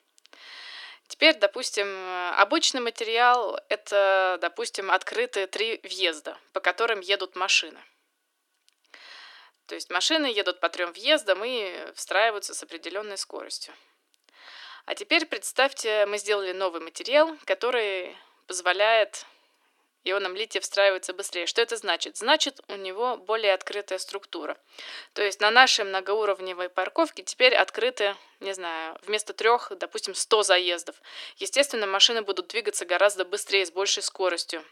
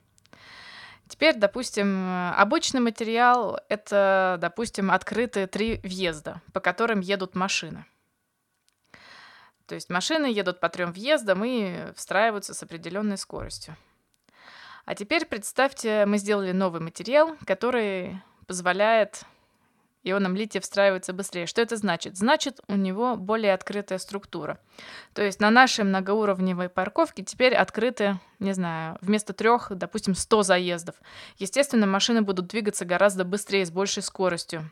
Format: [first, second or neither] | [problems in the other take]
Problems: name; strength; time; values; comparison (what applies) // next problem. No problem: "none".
second | thin; very; fading below 300 Hz